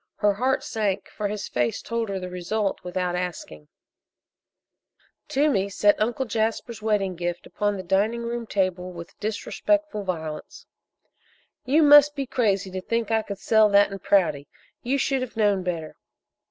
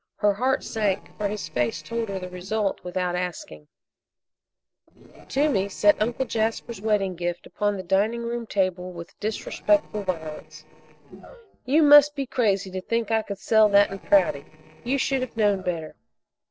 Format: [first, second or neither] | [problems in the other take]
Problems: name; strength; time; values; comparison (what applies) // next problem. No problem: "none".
first | noise reduction (neural separator model SepFormer DNS4)